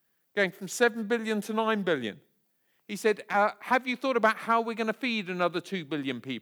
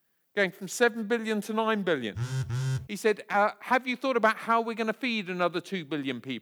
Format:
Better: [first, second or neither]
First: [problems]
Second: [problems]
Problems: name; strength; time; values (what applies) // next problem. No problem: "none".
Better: first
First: none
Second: phone ringing; noticeable; at 2 s; peak 2 dB below the speech